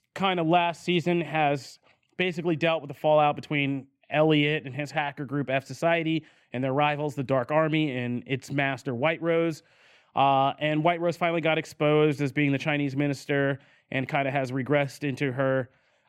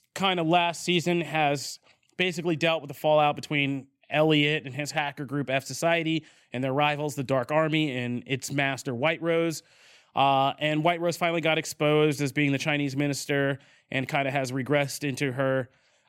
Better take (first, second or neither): second